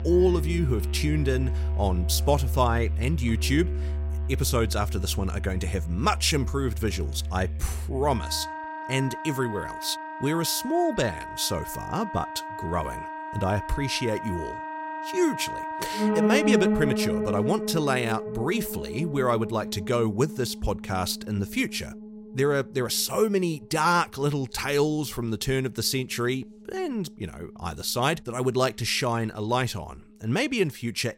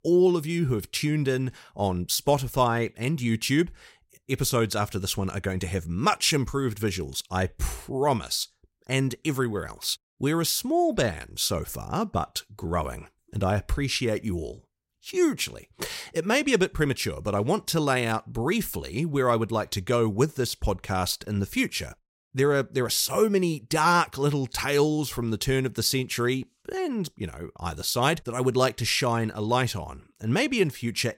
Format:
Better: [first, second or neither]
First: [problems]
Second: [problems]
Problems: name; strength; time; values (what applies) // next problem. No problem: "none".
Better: second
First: background music; loud; throughout; 4 dB below the speech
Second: none